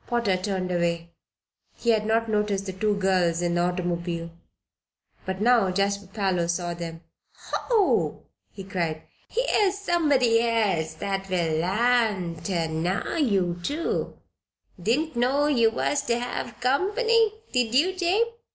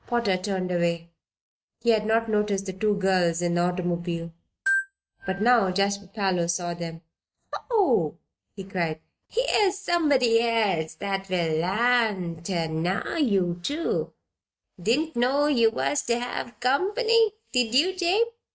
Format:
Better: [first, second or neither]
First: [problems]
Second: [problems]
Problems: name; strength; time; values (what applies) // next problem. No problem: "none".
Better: first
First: none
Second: noise reduction (neural mask model RNNoise)